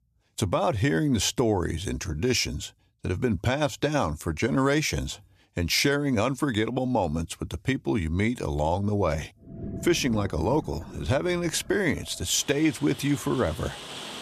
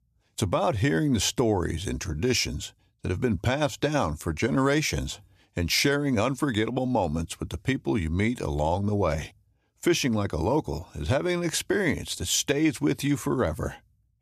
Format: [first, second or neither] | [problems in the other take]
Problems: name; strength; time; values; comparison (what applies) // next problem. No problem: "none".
second | rain or running water; noticeable; from 9.5 s on; 15 dB below the speech